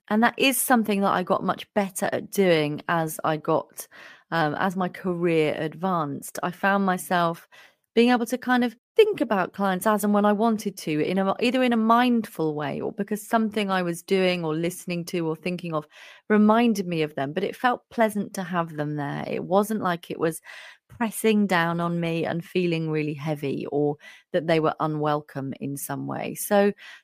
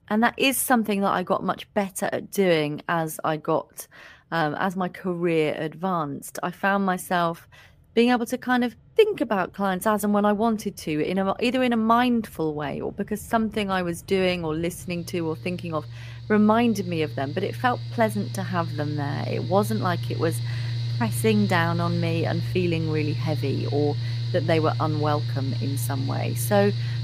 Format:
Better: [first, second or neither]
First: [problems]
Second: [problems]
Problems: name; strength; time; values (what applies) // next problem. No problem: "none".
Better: first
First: none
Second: machinery noise; loud; throughout; 5 dB below the speech